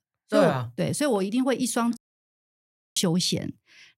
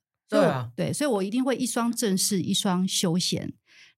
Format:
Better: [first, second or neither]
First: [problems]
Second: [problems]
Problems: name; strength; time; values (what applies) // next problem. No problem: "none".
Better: second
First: audio cutting out; at 2 s for 1 s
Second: none